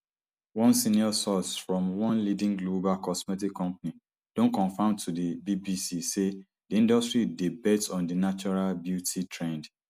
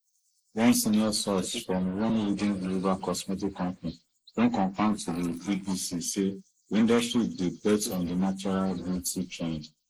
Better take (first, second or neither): first